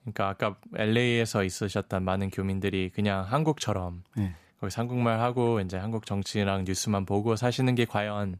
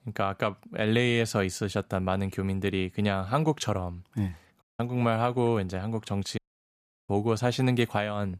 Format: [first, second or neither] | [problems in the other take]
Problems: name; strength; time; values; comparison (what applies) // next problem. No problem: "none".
first | audio cutting out; at 4.5 s and at 6.5 s for 0.5 s